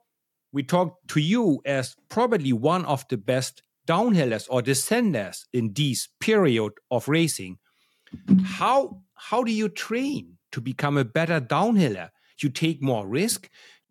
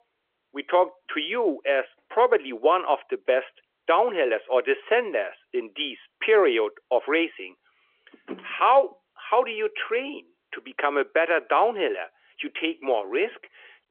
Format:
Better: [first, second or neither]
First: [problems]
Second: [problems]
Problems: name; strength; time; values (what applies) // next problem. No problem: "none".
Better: first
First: none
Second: phone-call audio; nothing above 3.5 kHz